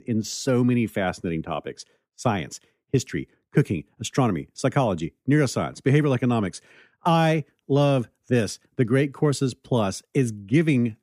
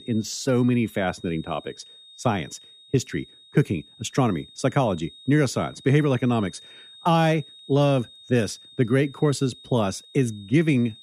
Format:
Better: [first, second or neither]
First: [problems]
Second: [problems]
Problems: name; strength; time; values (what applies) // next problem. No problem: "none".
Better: first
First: none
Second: high-pitched whine; faint; throughout; 3.5 kHz, 20 dB below the speech